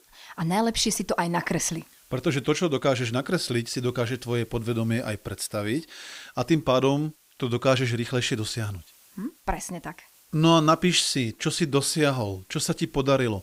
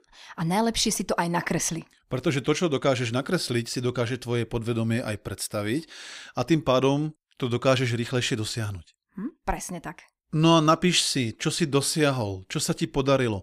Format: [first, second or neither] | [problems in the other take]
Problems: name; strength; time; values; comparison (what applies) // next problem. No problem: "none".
second | hiss; faint; throughout; 30 dB below the speech